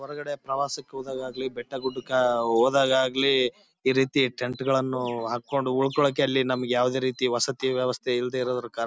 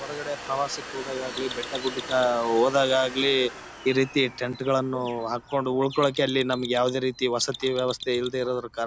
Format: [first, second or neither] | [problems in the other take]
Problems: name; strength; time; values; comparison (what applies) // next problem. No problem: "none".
first | background sound (Mechanisms + Domestic sounds, home sounds); 14 dB below the speech